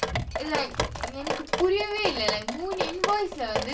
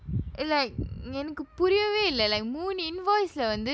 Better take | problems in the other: second | background sound (Drip); 2 dB below the speech // room echo; dies away in 0.2 s

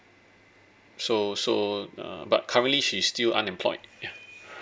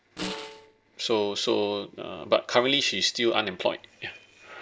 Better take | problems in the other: first | noise reduction (neural separator model SepFormer DNS4)

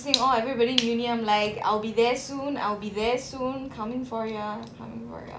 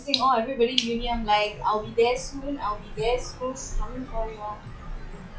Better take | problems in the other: first | noise reduction (classical method log-MMSE)

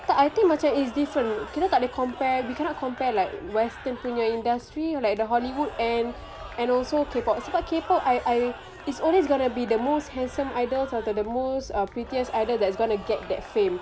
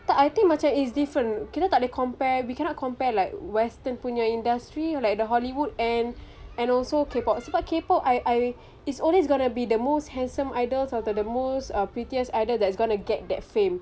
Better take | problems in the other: second | background sound (Crowd / Cheering); 16 dB below the speech

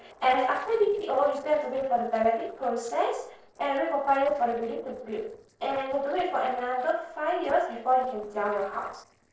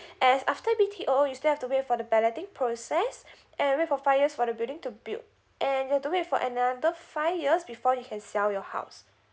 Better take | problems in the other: second | noise reduction (neural separator model SepFormer DNS4)

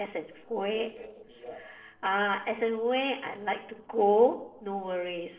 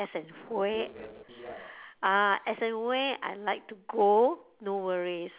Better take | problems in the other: second | noise reduction (neural separator model SepFormer DNS4)

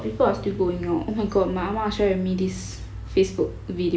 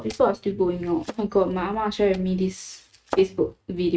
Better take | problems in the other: first | noise reduction (neural mask model RNNoise)

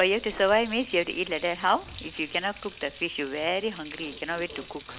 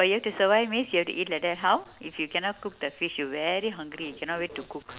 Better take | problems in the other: second | background sound (Water tap, faucet); 18 dB below the speech

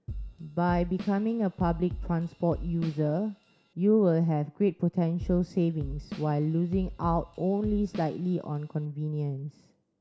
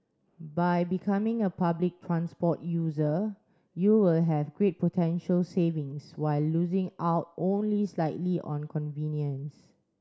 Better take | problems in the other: second | background sound (Drum kit); 11 dB below the speech

